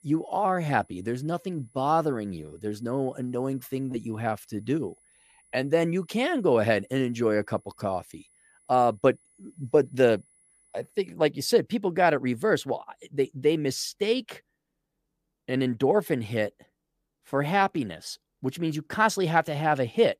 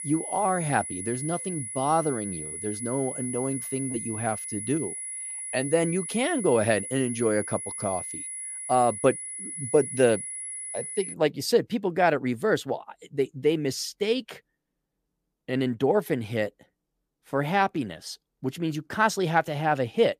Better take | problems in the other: first | high-pitched whine; loud; until 11 s; 10 kHz, 6 dB below the speech; faint in the first

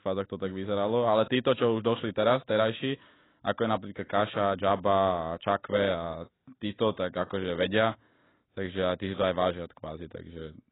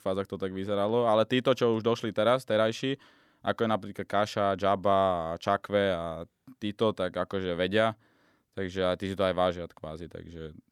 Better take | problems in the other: second | garbled, watery; badly; nothing above 4 kHz

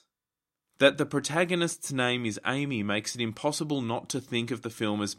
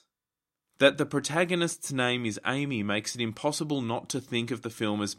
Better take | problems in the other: neither | none

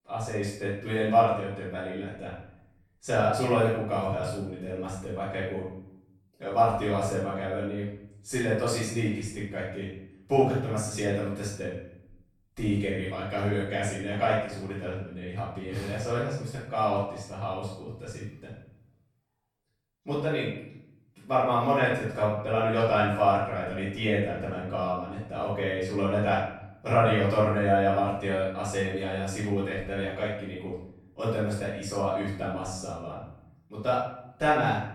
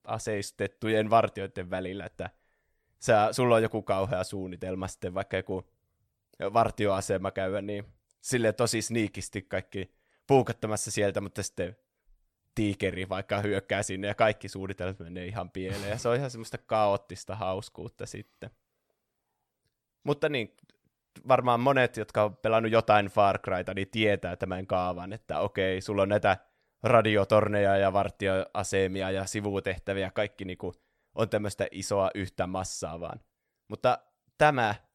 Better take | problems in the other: second | off-mic speech; far // room echo; noticeable; dies away in 0.7 s

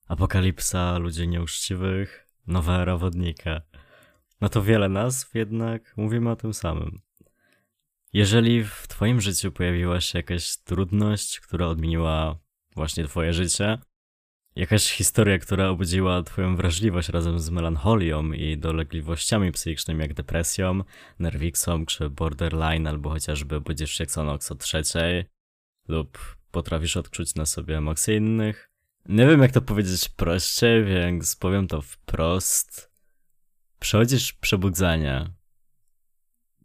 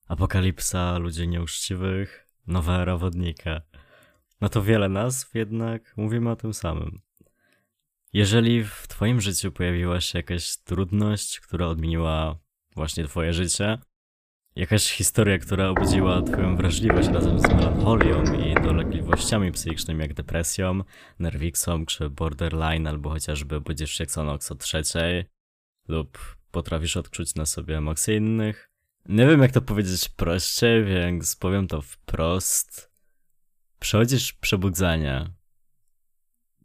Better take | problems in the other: first | footsteps; loud; from 16 to 20 s; peak 5 dB above the speech

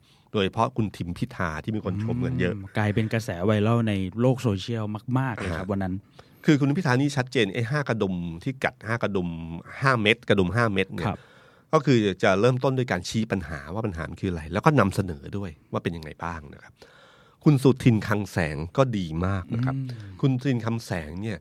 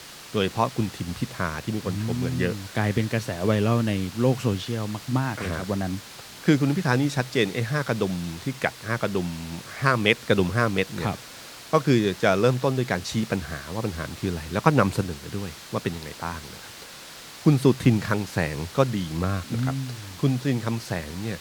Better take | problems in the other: first | hiss; noticeable; throughout; 15 dB below the speech

